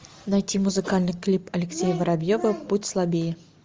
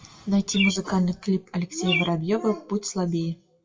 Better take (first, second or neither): first